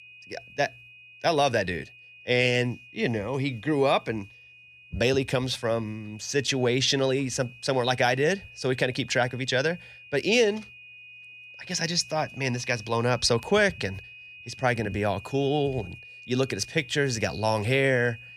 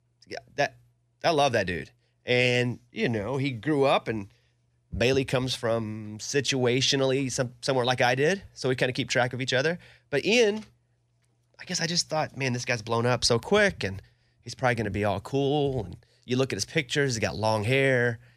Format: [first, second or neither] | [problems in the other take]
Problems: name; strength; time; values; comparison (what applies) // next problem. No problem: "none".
second | high-pitched whine; noticeable; throughout; 2.5 kHz, 20 dB below the speech